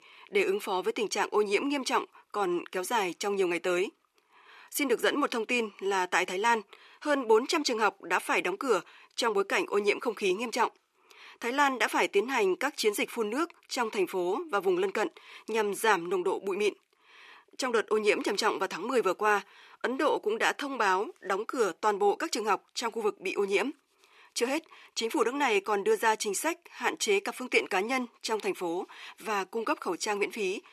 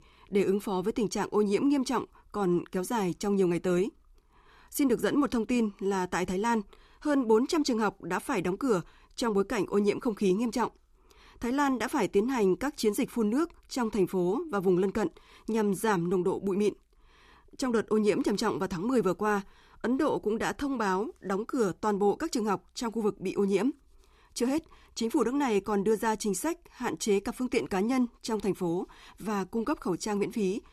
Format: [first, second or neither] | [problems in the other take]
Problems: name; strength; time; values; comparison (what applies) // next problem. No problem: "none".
second | thin; somewhat; fading below 500 Hz